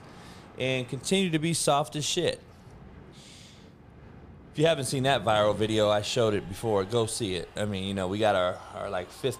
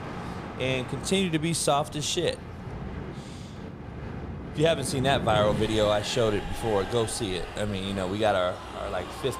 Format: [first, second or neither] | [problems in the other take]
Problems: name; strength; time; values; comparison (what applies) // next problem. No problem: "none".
first | train or aircraft noise; loud; throughout; 10 dB below the speech; faint in the first